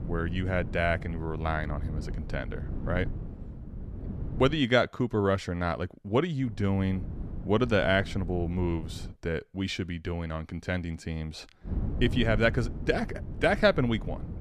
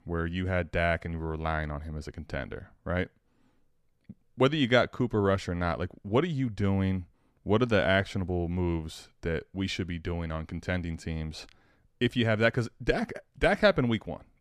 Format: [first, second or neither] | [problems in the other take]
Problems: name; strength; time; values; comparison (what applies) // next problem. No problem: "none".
second | wind noise on the microphone; occasional gusts; until 4.5 s, from 6.5 to 9 s and from 12 s on; 20 dB below the speech